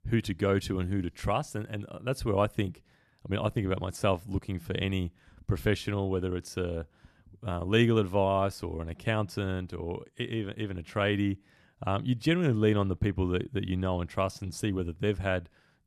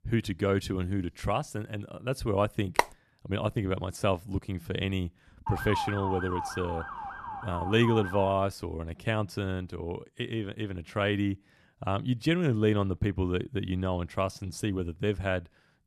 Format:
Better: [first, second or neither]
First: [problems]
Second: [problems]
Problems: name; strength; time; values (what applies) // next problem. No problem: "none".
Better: first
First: none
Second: phone ringing; very faint; at 3 s; peak 1 dB above the speech // siren; noticeable; from 5.5 to 8.5 s; peak 2 dB below the speech